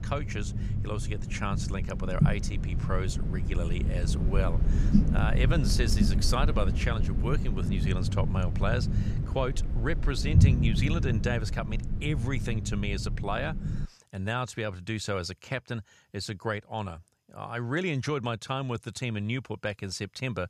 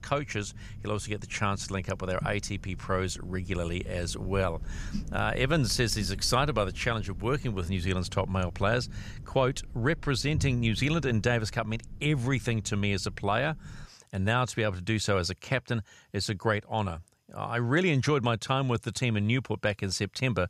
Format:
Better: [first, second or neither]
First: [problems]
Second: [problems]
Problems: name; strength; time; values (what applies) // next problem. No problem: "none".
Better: second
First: low rumble; loud; until 14 s; 7 dB below the speech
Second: low rumble; faint; until 14 s; 25 dB below the speech